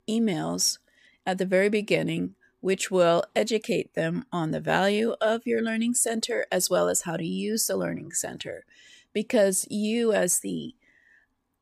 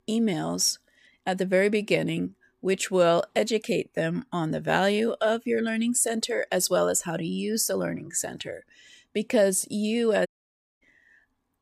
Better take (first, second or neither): first